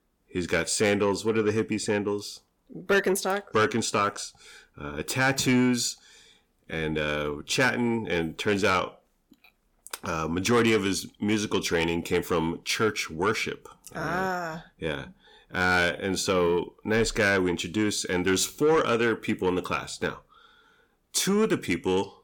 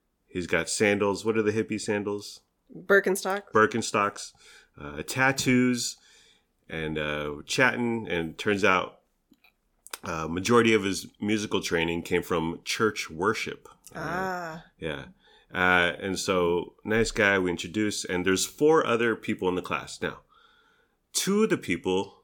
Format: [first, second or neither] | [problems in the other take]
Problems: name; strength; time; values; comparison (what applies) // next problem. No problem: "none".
second | distortion; slight; 10 dB below the speech